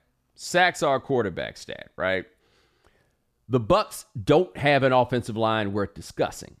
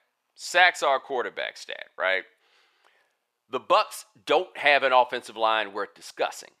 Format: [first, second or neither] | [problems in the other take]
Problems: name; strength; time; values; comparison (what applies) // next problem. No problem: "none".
first | thin; very; fading below 600 Hz